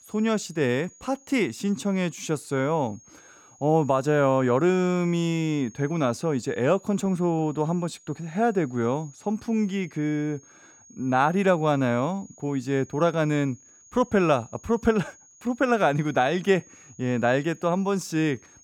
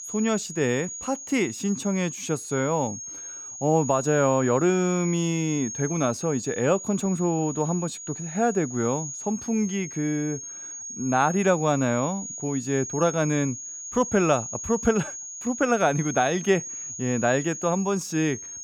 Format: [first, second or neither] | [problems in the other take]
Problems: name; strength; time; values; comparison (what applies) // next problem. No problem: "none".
first | high-pitched whine; loud; throughout; 6.5 kHz, 9 dB below the speech; faint in the first